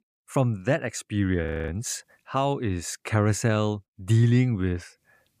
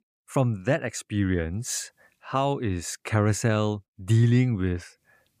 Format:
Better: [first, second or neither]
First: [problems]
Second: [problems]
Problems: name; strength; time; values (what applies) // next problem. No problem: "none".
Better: second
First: audio freezing; at 1.5 s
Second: none